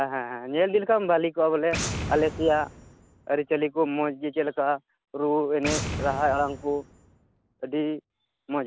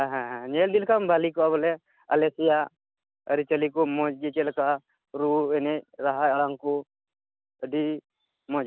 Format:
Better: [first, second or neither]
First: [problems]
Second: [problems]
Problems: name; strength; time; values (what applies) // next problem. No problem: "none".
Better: second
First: background sound (Boom); 11 dB below the speech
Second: none